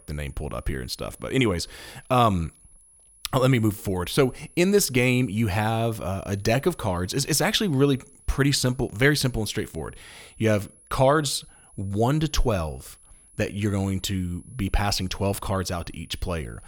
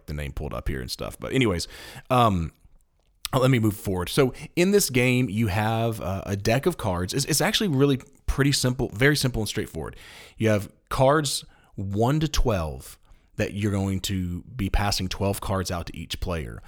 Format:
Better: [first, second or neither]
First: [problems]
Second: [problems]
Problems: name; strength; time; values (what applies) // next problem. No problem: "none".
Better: second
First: high-pitched whine; faint; throughout; 10.5 kHz, 25 dB below the speech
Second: none